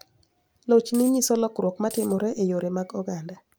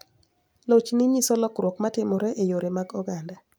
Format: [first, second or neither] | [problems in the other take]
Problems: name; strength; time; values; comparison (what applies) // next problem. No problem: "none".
second | background sound (Coin (dropping)); 16 dB below the speech